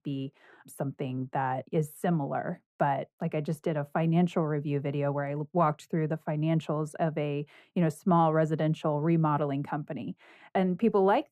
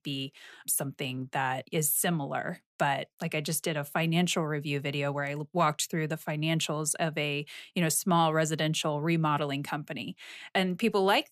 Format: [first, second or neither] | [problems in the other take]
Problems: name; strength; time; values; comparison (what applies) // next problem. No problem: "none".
second | muffled; very; fading above 2 kHz